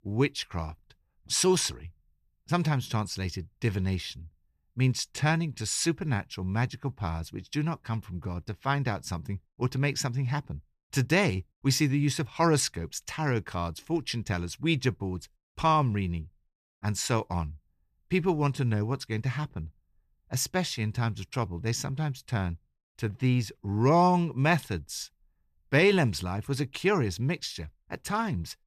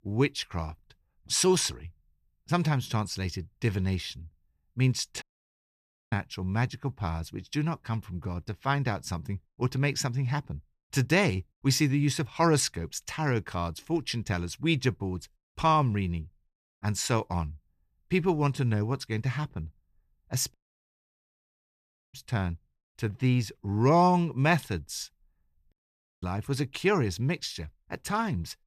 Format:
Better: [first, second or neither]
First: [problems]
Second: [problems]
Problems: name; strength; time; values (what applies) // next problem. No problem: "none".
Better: first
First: none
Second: audio cutting out; at 5 s for 1 s, at 21 s for 1.5 s and at 26 s for 0.5 s